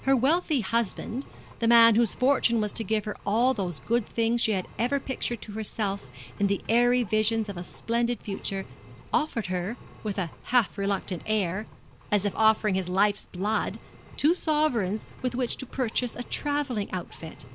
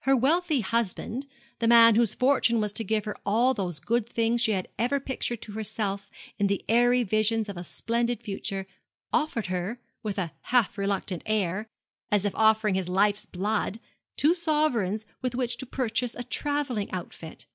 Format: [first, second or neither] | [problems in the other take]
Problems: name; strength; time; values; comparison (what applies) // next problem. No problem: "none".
second | background sound (Engine); 20 dB below the speech